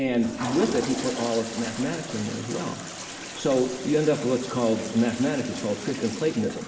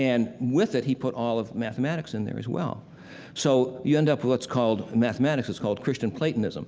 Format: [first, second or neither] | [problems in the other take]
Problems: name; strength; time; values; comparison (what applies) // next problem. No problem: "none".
second | background sound (Toilet flush); 10 dB below the speech // room echo; dies away in 1.1 s